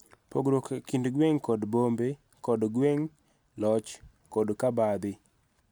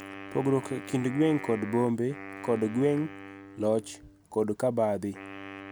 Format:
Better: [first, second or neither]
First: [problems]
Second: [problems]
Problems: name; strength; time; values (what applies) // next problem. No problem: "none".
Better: first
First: none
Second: background sound (Wind instrument, woodwind instrument); 14 dB below the speech